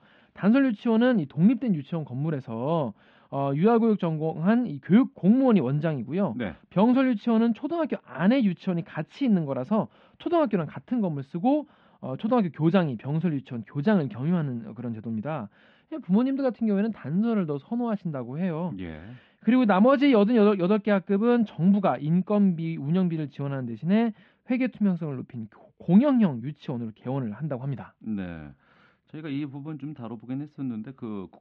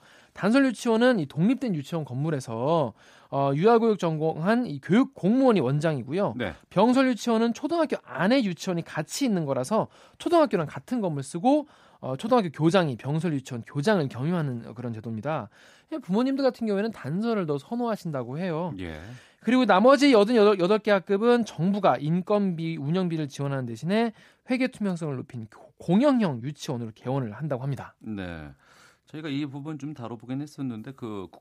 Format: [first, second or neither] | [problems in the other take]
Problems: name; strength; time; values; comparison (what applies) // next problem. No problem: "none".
second | muffled; slightly; fading above 3 kHz